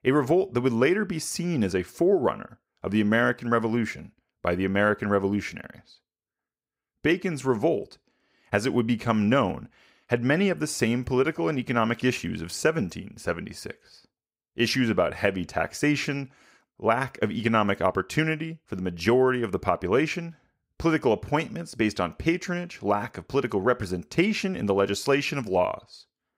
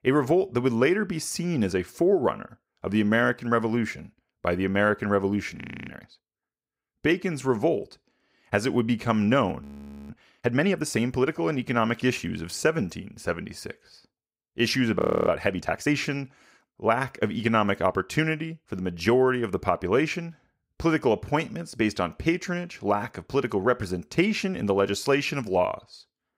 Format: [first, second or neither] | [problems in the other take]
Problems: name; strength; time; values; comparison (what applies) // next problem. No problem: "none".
first | audio freezing; at 5.5 s, at 9.5 s and at 15 s